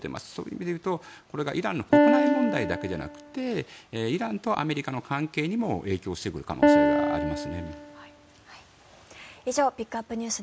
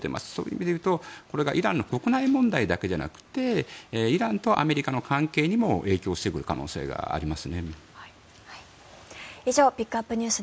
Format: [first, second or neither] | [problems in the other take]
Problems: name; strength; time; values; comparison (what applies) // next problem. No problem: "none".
second | background sound (Piano); 4 dB above the speech